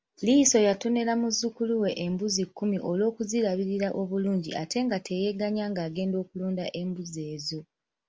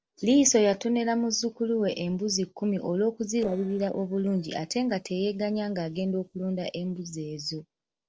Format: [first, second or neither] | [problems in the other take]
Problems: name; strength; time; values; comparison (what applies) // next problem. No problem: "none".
first | noise reduction (neural separator model SepFormer DNS4)